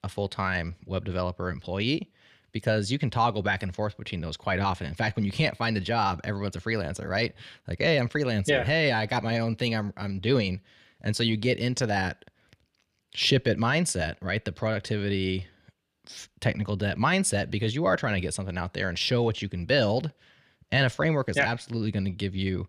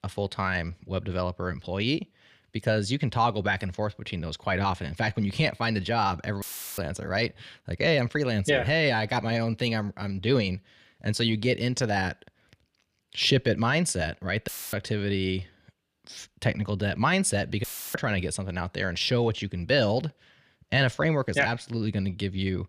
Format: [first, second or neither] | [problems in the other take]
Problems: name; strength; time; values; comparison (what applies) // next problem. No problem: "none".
first | audio cutting out; filled with static; at 6.5 s, at 14 s and at 18 s